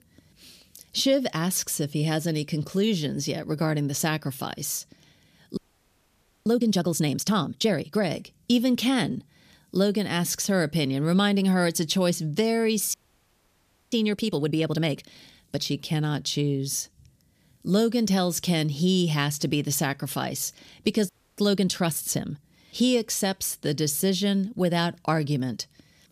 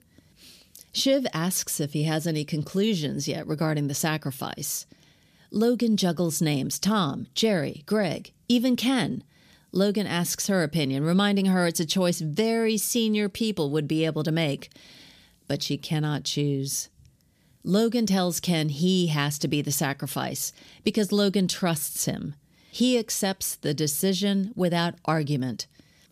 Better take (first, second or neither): second